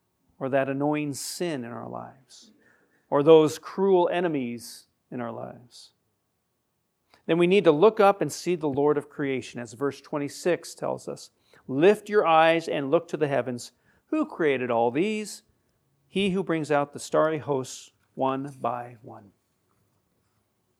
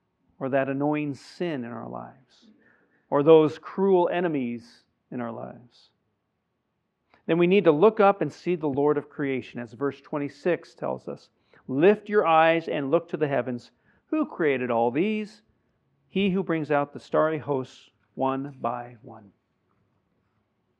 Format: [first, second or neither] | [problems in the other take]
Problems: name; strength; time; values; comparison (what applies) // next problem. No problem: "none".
first | muffled; slightly; fading above 2.5 kHz